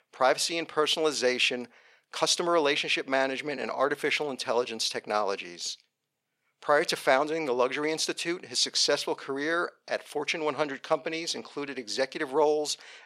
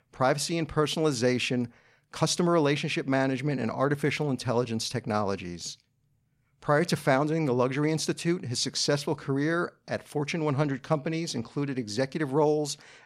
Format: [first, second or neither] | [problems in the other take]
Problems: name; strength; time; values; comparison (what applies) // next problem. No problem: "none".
second | thin; somewhat; fading below 500 Hz